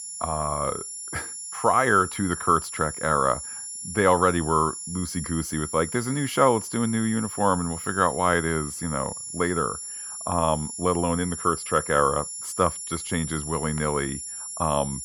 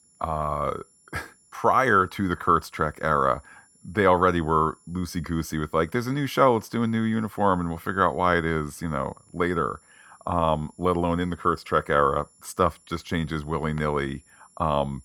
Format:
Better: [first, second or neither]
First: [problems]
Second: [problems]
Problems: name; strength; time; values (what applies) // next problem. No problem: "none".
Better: second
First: high-pitched whine; loud; throughout; 10.5 kHz, 8 dB below the speech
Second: high-pitched whine; faint; throughout; 10.5 kHz, 30 dB below the speech